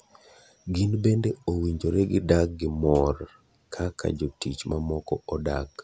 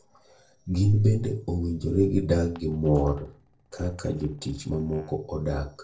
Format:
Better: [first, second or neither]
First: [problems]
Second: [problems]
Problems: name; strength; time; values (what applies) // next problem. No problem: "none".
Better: first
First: none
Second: noise reduction (neural separator model SepFormer DNS4)